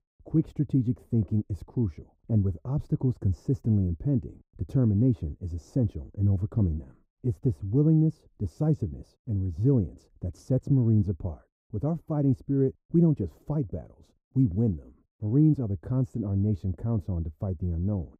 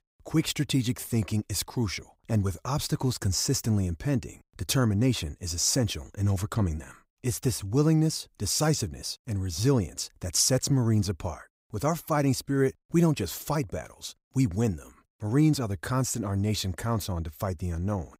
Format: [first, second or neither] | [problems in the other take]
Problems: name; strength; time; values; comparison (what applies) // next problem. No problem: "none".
second | muffled; very; fading above 1 kHz